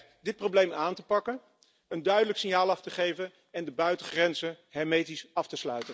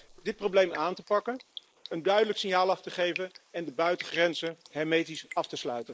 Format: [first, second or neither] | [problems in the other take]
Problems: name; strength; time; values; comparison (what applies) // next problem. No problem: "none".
first | noise reduction (neural mask model Resemble Enhance denoiser)